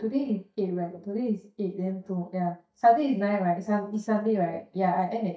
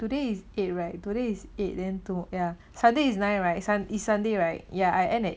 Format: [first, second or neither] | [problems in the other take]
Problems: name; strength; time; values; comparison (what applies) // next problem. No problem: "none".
second | noise reduction (neural mask model DeepFilterNet 3)